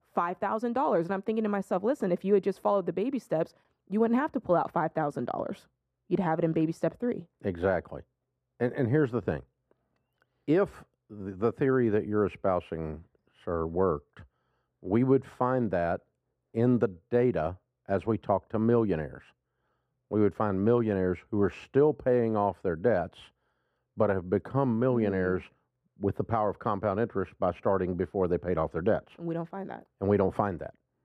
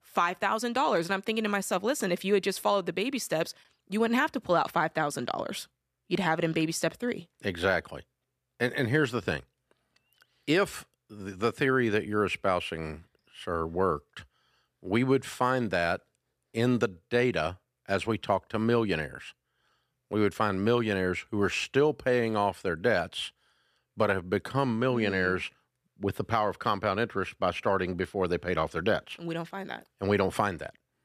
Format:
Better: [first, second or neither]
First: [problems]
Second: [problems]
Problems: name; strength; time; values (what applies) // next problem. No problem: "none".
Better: second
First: muffled; very; fading above 1.5 kHz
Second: none